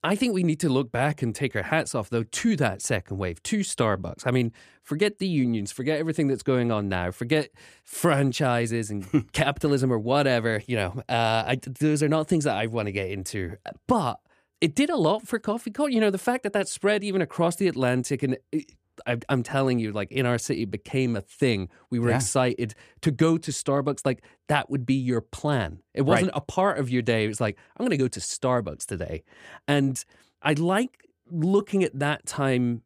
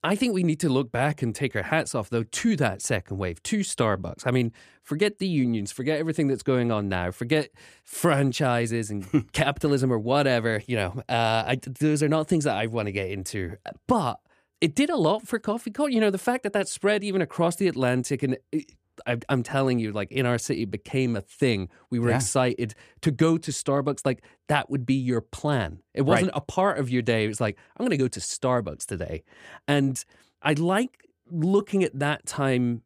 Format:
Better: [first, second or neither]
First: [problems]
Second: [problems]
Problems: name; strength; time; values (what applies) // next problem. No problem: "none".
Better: neither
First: none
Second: none